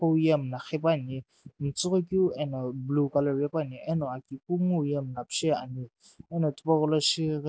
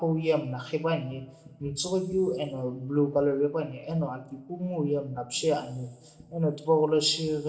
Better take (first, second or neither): first